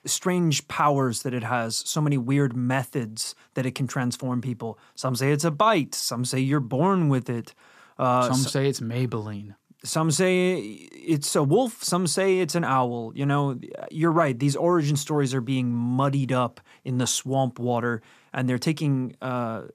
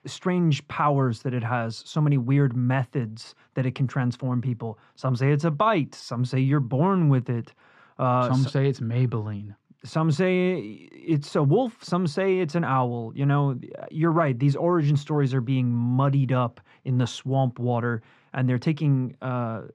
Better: first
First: none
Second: muffled; slightly; fading above 3 kHz

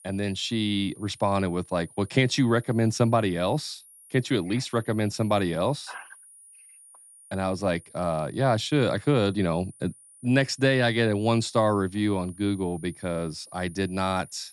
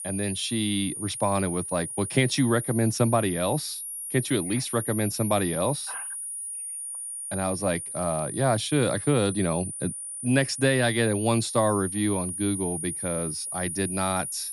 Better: first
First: high-pitched whine; faint; throughout; 9.5 kHz, 25 dB below the speech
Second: high-pitched whine; loud; throughout; 9.5 kHz, 6 dB below the speech

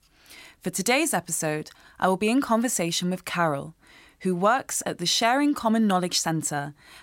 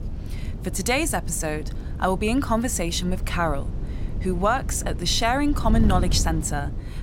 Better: first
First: none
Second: wind noise on the microphone; occasional gusts; 15 dB below the speech

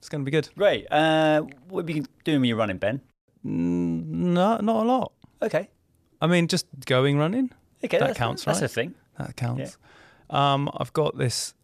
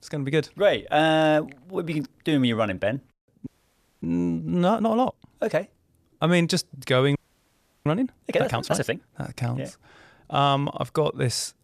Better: first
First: none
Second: audio freezing; at 3.5 s for 0.5 s and at 7 s for 0.5 s

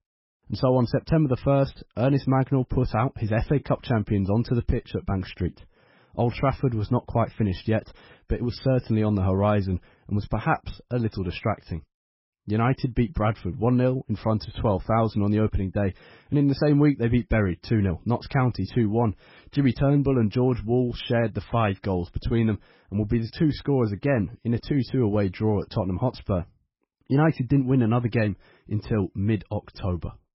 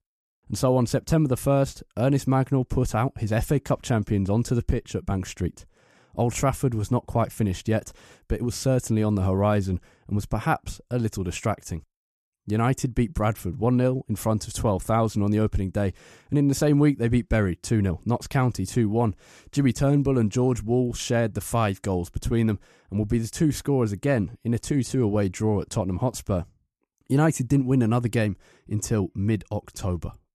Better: second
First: garbled, watery; badly; nothing above 5.5 kHz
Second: none

